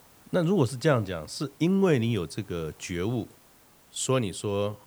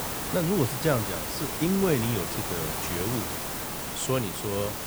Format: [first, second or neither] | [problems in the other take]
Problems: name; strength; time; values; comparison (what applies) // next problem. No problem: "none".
first | hiss; loud; throughout; 2 dB below the speech; faint in the first